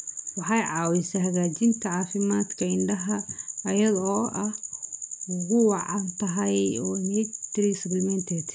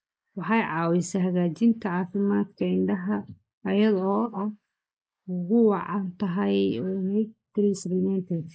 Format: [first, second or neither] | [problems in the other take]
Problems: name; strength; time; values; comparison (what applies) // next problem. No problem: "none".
first | noise reduction (neural mask model Resemble Enhance denoiser)